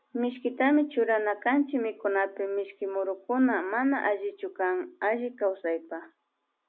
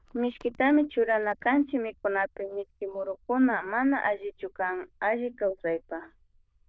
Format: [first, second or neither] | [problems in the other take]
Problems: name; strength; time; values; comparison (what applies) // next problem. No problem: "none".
first | noise reduction (neural diffusion model UNIVERSE++)